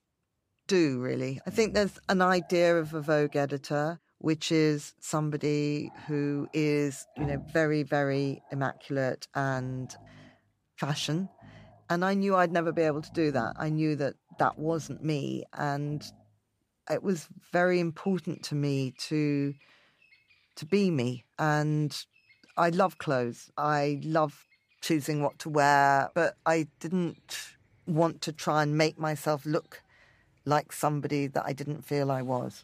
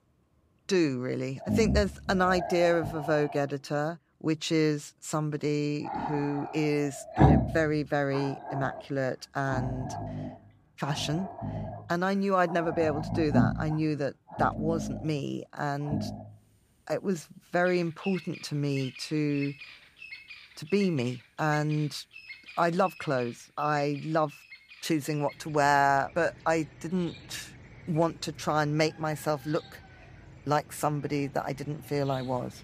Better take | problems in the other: first | animal sounds; loud; throughout; 5 dB below the speech; faint in the first

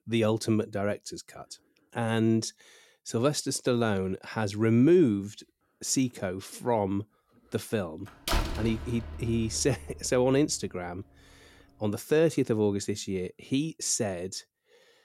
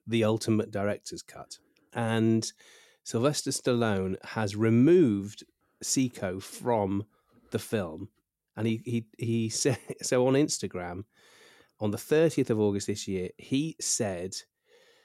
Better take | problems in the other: second | door banging; noticeable; from 8.5 to 10 s; peak 2 dB below the speech

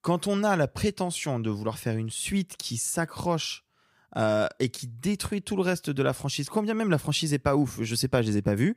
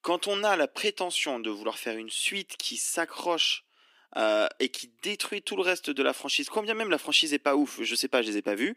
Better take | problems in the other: first | thin; somewhat; fading below 250 Hz

